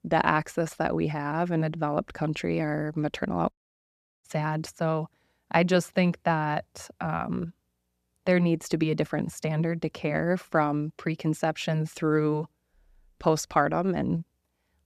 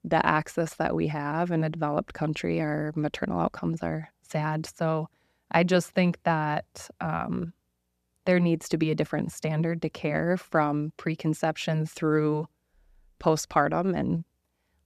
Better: second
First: audio cutting out; at 3.5 s for 0.5 s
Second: none

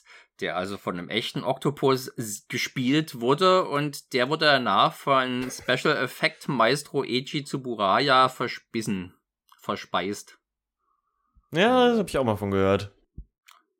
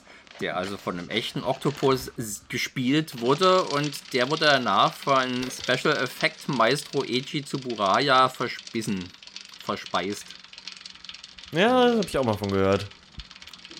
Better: first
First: none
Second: traffic noise; noticeable; throughout; 15 dB below the speech

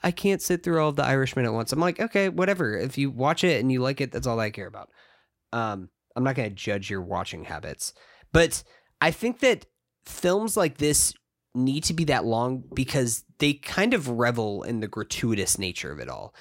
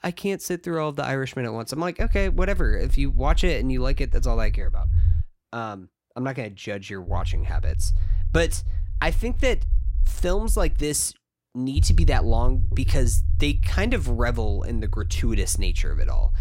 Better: first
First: none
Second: low rumble; noticeable; from 2 to 5 s, from 7 to 11 s and from 12 s on; 15 dB below the speech

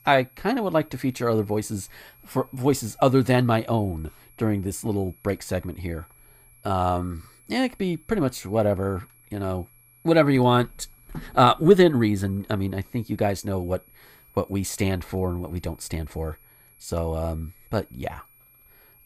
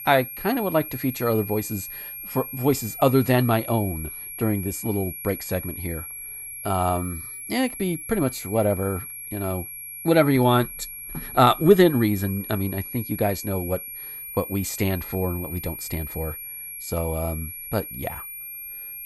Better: first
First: high-pitched whine; faint; throughout; 11.5 kHz, 30 dB below the speech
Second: high-pitched whine; loud; throughout; 11.5 kHz, 9 dB below the speech

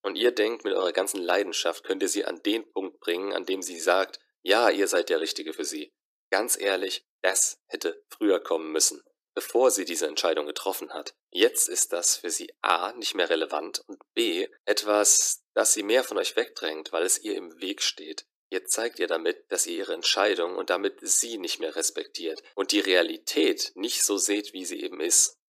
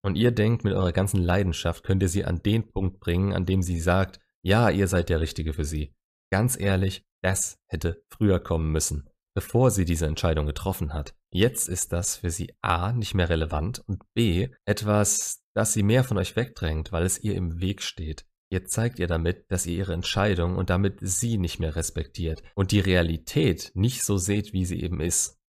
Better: second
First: thin; very; fading below 300 Hz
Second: none

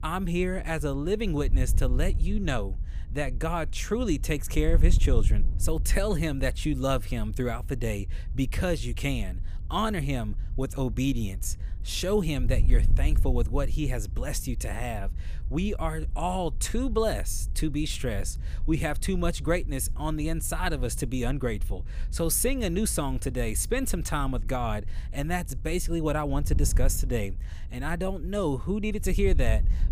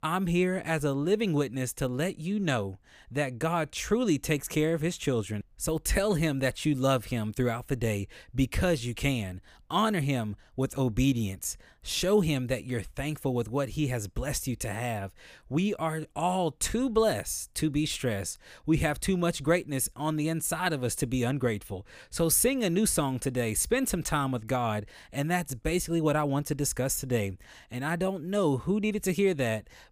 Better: second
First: wind noise on the microphone; occasional gusts; 20 dB below the speech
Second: none

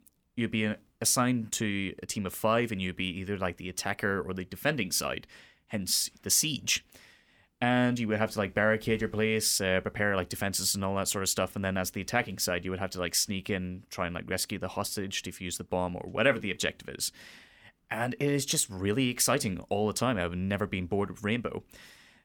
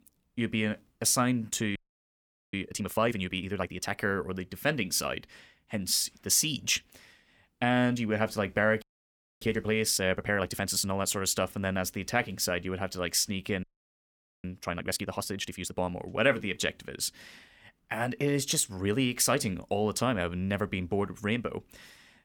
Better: first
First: none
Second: audio freezing; at 2 s for 1 s, at 9 s for 0.5 s and at 14 s for 1 s

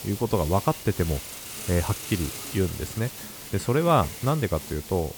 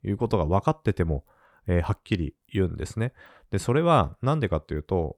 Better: second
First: hiss; loud; throughout; 9 dB below the speech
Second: none

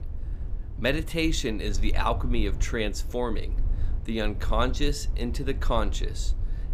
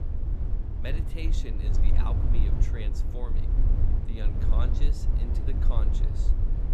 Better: first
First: low rumble; faint; throughout; 20 dB below the speech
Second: low rumble; loud; throughout; 1 dB below the speech

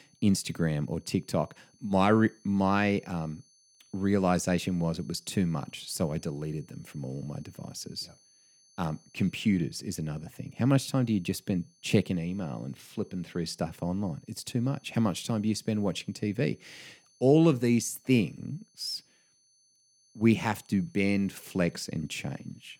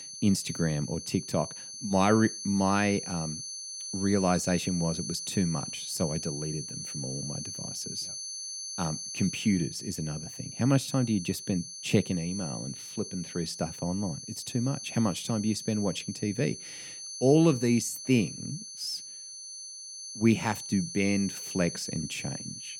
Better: first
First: high-pitched whine; faint; throughout; 6 kHz, 30 dB below the speech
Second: high-pitched whine; loud; throughout; 6 kHz, 8 dB below the speech

